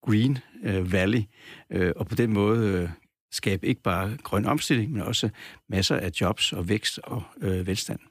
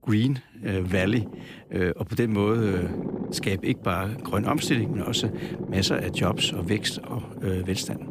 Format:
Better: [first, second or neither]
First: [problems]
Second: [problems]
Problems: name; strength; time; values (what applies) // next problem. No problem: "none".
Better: first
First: none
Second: low rumble; noticeable; throughout; 10 dB below the speech